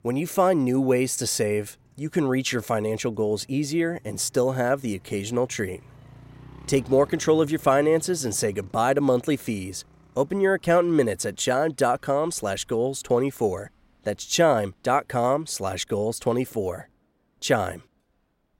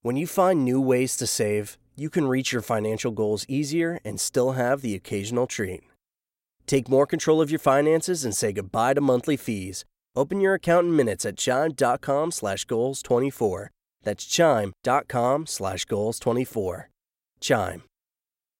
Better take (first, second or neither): second